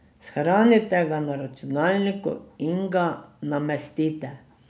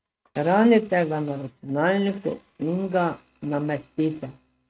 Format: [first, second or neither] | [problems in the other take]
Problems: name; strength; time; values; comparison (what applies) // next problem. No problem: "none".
first | noise reduction (neural mask model RNNoise)